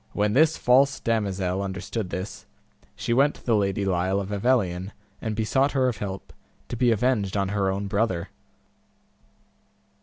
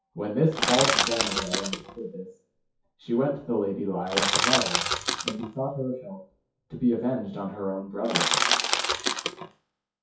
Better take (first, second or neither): first